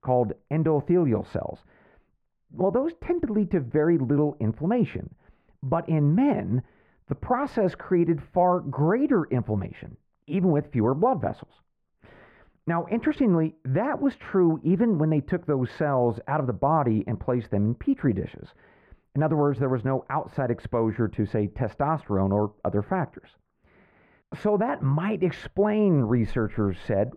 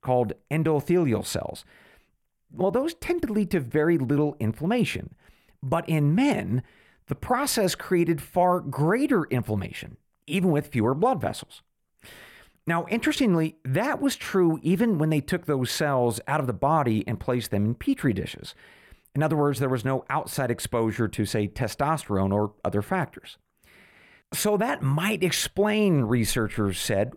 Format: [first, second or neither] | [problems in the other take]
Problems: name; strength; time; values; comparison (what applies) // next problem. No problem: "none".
second | muffled; very; fading above 4 kHz